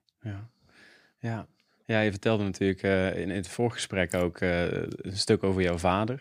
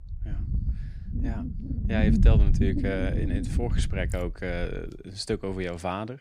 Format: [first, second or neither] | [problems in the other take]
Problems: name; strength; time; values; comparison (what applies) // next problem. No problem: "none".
first | wind noise on the microphone; heavy; 5 dB below the speech